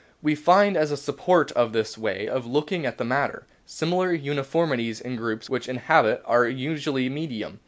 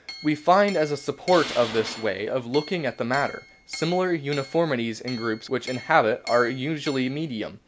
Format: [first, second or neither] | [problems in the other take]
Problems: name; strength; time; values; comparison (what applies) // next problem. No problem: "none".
first | background sound (Tools + Chink, clink); 15 dB below the speech